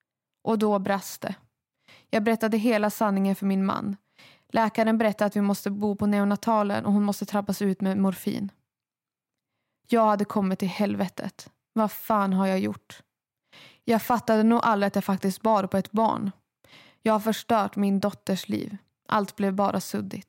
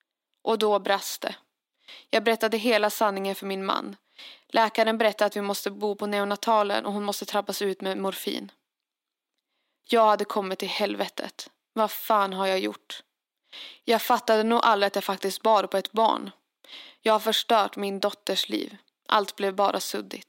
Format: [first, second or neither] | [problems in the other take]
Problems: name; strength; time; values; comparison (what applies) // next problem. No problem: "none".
first | thin; somewhat; fading below 300 Hz